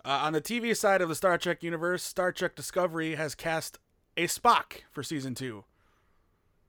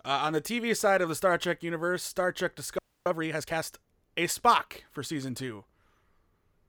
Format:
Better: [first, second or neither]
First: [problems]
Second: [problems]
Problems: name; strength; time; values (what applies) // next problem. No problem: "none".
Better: first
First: none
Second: audio freezing; at 3 s